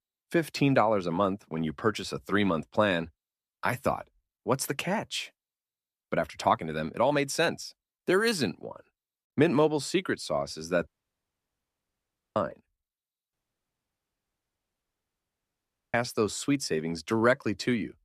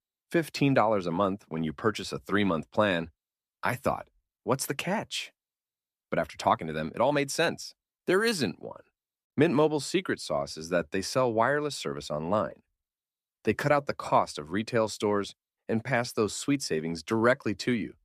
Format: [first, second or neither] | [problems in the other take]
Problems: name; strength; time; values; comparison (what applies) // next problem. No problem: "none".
second | audio cutting out; at 11 s for 1.5 s and at 13 s for 2.5 s